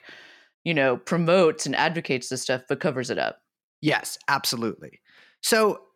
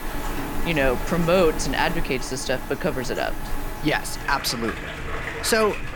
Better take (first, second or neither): first